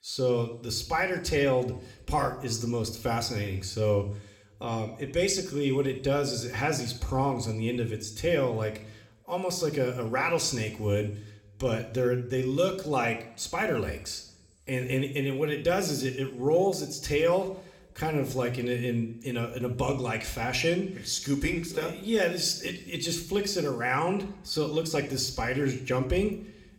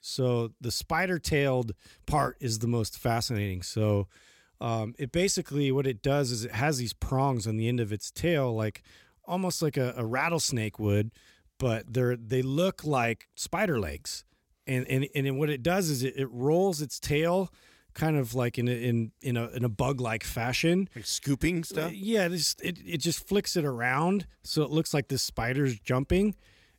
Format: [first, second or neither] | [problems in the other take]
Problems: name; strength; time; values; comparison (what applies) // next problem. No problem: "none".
second | room echo; slight; dies away in 0.7 s